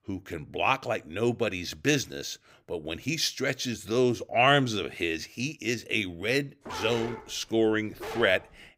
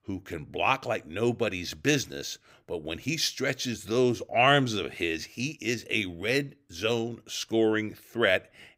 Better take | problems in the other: second | dog barking; noticeable; from 6.5 s on; peak 8 dB below the speech

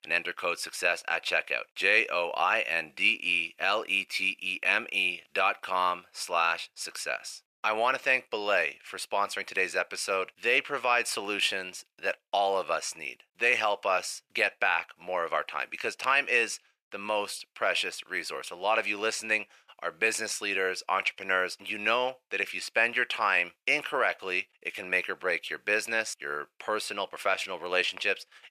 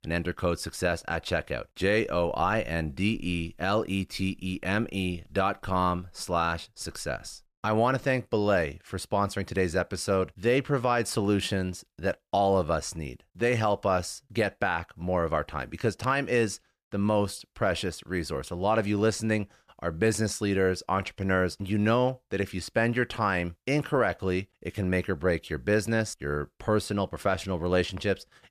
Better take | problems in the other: second | thin; very; fading below 650 Hz

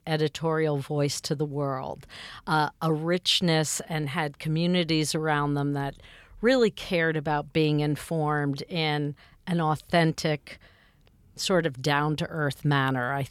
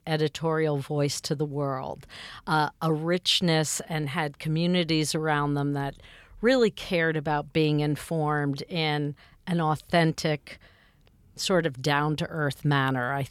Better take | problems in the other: neither | none

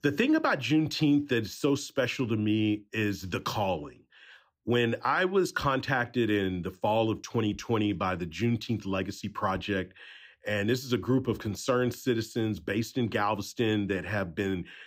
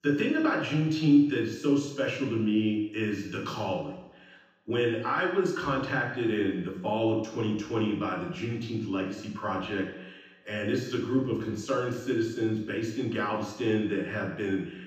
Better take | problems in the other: first | room echo; noticeable; dies away in 0.9 s // off-mic speech; far

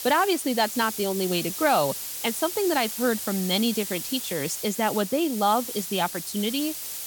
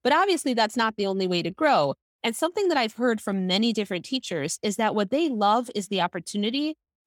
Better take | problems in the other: second | hiss; loud; throughout; 6 dB below the speech

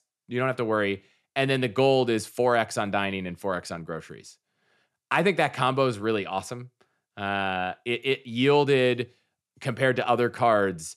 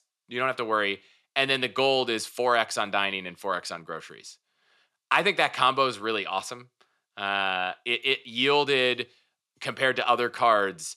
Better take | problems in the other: first | thin; somewhat; fading below 1 kHz

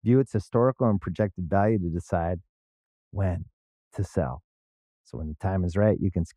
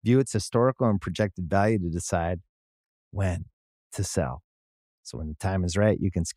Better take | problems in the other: second | muffled; very; fading above 2.5 kHz

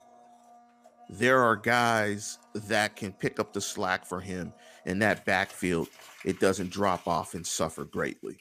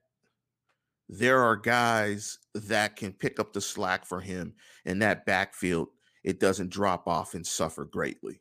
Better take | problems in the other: second | household noises; faint; throughout; 25 dB below the speech

